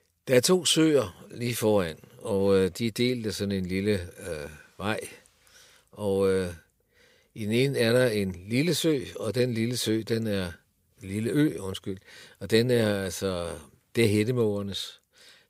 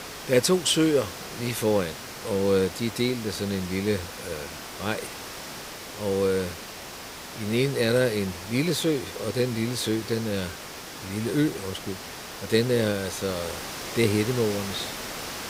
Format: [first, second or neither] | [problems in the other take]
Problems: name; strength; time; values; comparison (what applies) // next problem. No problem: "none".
first | hiss; loud; throughout; 10 dB below the speech